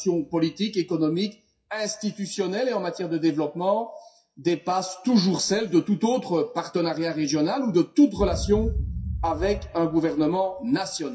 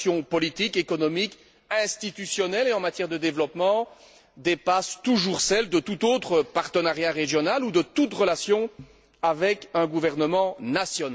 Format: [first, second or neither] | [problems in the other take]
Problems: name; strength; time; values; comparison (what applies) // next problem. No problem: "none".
second | noise reduction (classical method WPE with log-MMSE)